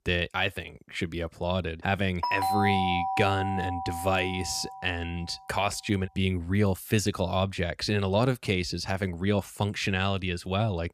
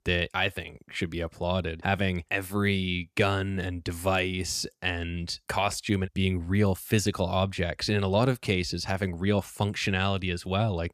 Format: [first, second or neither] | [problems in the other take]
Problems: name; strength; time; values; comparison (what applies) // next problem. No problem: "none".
second | doorbell; loud; from 2 to 5 s; peak 2 dB above the speech